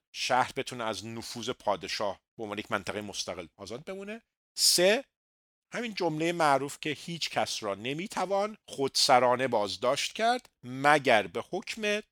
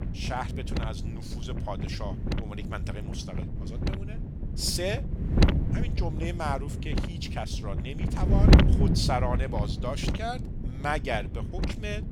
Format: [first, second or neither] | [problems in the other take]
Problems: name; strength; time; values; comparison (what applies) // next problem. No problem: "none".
first | wind noise on the microphone; heavy; 2 dB below the speech